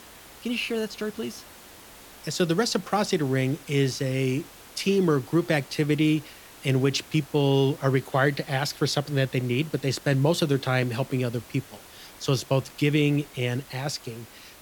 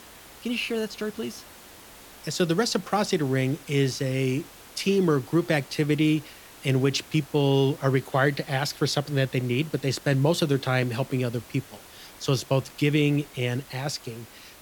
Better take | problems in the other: neither | hiss; faint; throughout; 20 dB below the speech; the same in both

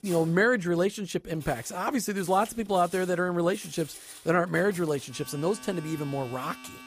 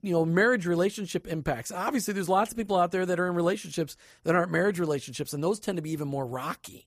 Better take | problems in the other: second | household noises; noticeable; throughout; 20 dB below the speech

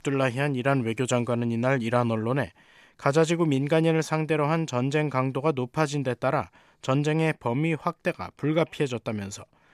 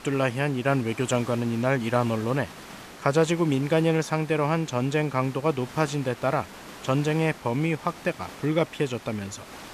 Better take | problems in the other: first | hiss; noticeable; throughout; 15 dB below the speech

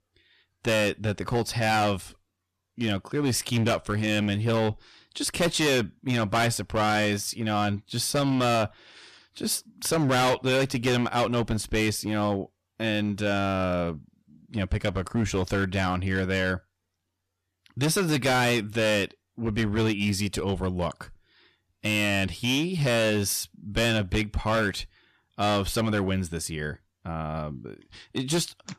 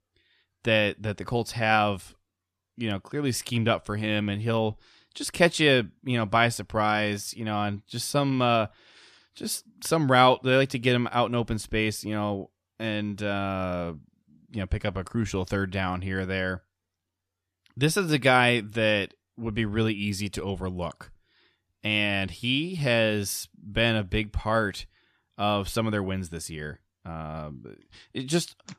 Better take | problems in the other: second | distortion; heavy; 11% of the sound clipped

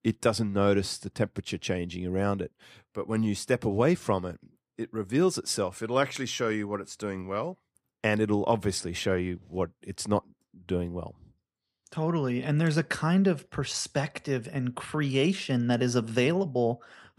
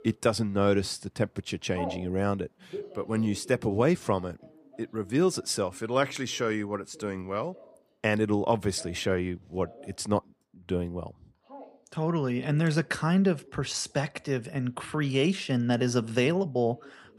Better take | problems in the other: first | alarms or sirens; noticeable; throughout; 20 dB below the speech

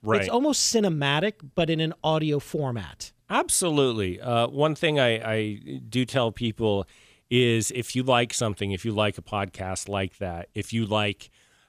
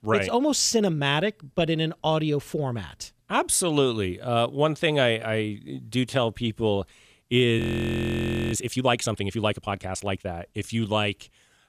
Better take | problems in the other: first | audio freezing; at 7.5 s for 1 s

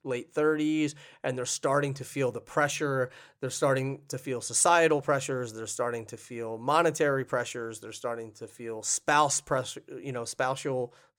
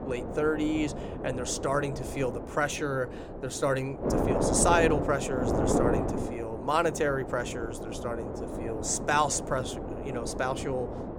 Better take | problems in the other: first | wind noise on the microphone; heavy; 5 dB below the speech

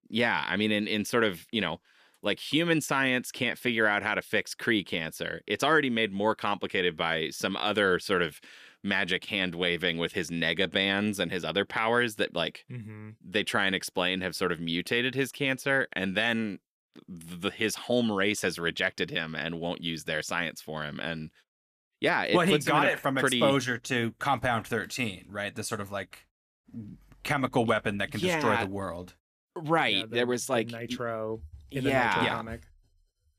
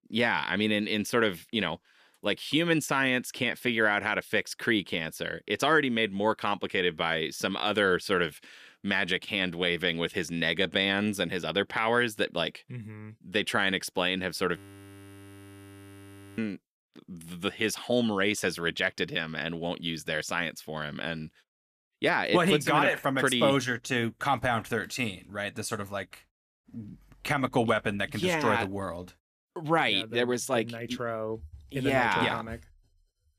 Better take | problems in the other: first | audio freezing; at 15 s for 2 s

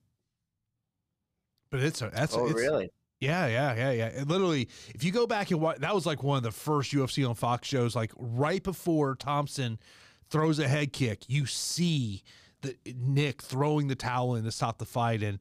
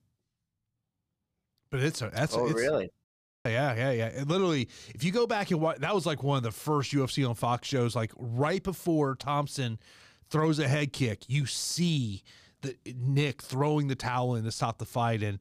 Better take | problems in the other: first | audio cutting out; at 3 s

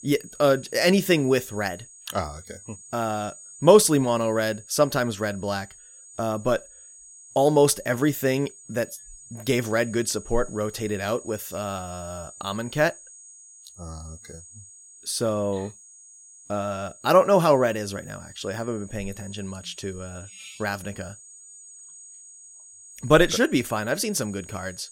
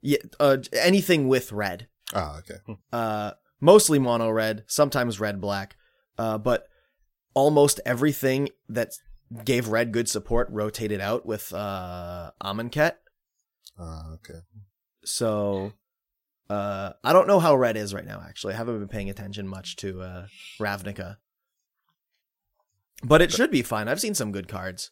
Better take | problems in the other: second | high-pitched whine; noticeable; throughout; 6.5 kHz, 20 dB below the speech

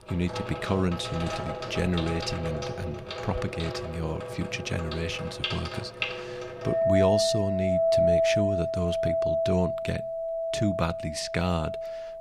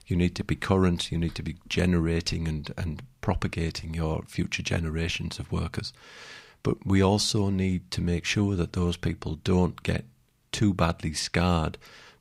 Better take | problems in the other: second | household noises; very loud; throughout; 1 dB above the speech

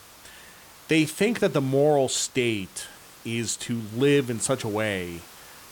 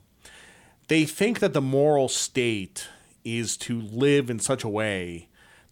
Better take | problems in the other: second | hiss; faint; throughout; 20 dB below the speech

